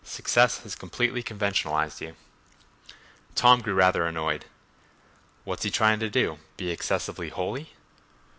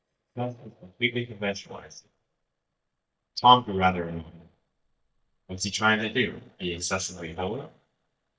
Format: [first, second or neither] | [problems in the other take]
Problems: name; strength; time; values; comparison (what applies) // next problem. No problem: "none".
first | noise reduction (neural mask model DeepFilterNet 3)